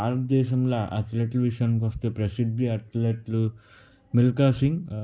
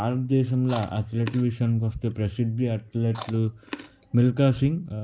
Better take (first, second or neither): first